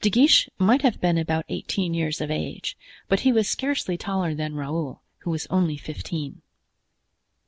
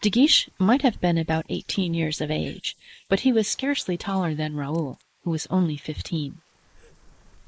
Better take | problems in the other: first | noise reduction (neural mask model Resemble Enhance denoiser)

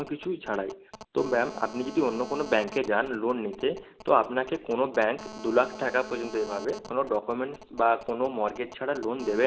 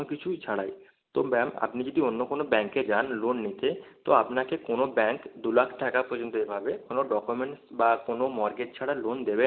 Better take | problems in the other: second | background sound (Telephone); 17 dB below the speech

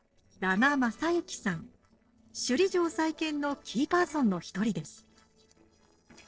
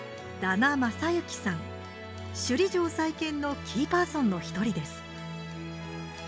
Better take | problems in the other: second | noise reduction (neural separator model SepFormer DNS4)

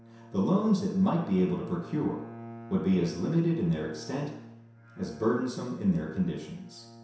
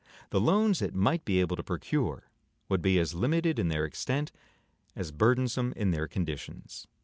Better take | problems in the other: second | background sound (Bowed string instrument); 17 dB below the speech // room echo; dies away in 0.7 s

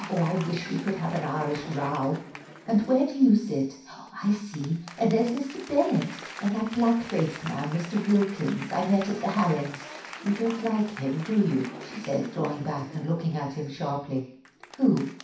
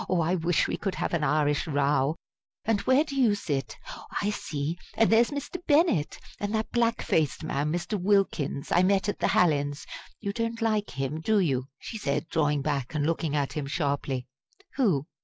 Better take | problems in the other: second | background sound (Applause / Crowd); 16 dB below the speech // room echo; dies away in 0.6 s

